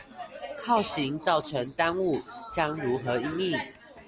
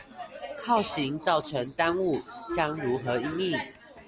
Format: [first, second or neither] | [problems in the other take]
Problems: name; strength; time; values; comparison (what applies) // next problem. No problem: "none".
first | background sound (Wind instrument, woodwind instrument); 9 dB below the speech